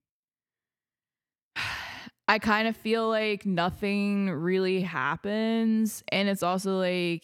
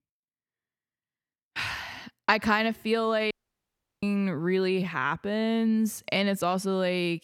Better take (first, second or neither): first